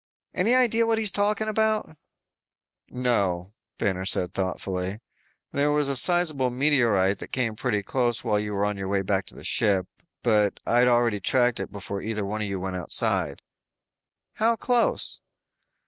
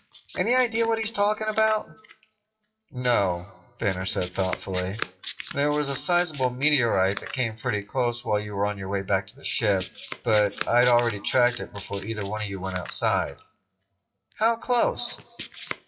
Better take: first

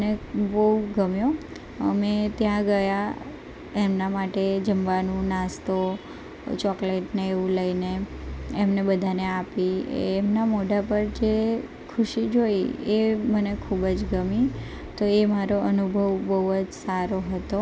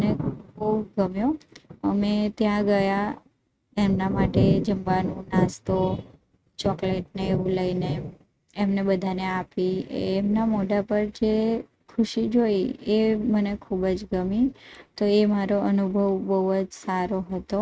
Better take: first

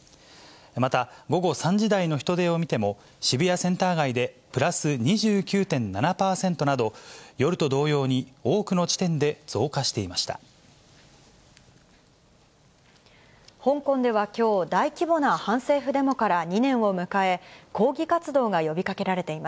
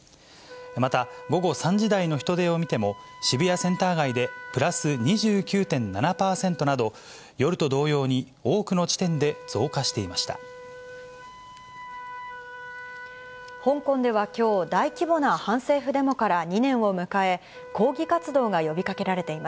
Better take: first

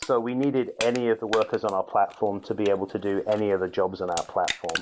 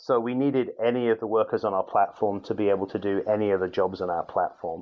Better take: second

